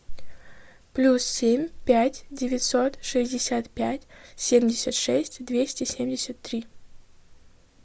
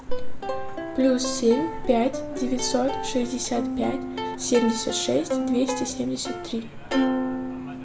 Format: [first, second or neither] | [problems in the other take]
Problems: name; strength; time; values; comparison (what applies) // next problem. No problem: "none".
first | background sound (Plucked string instrument); 4 dB below the speech // room echo; dies away in 0.4 s